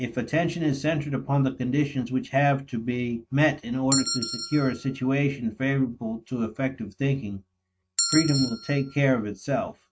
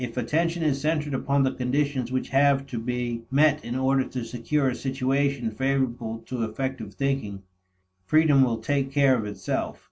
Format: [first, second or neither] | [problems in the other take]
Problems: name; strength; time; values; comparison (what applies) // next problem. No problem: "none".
second | noise reduction (neural mask model RNNoise)